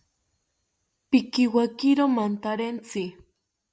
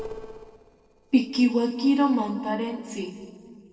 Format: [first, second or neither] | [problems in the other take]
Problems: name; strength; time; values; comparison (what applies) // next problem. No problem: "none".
first | noise reduction (neural separator model SepFormer DNS4)